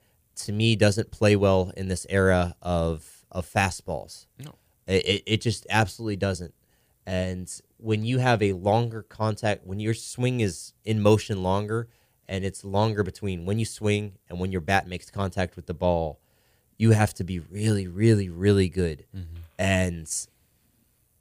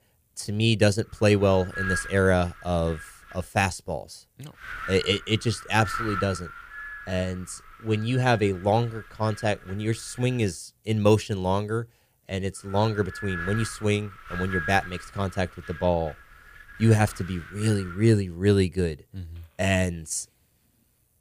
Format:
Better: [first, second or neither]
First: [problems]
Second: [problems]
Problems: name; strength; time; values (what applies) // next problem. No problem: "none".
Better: first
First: none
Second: wind noise on the microphone; heavy; from 1 to 3.5 s, from 4.5 to 10 s and from 13 to 18 s; 8 dB below the speech